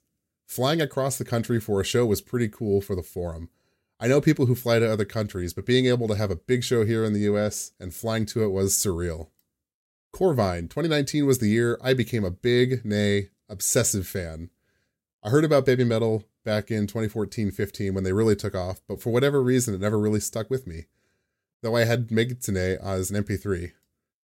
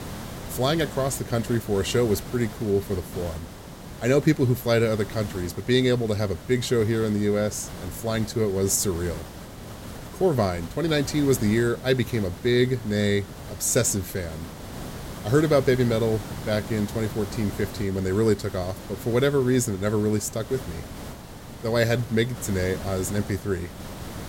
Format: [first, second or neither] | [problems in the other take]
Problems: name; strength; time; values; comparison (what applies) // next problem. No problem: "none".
first | hiss; noticeable; throughout; 15 dB below the speech